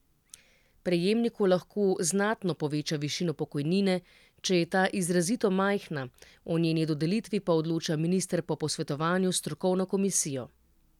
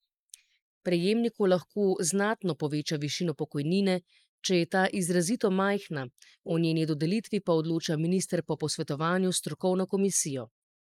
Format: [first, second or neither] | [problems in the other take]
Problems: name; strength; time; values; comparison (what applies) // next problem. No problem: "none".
first | noise reduction (neural mask model Resemble Enhance denoiser)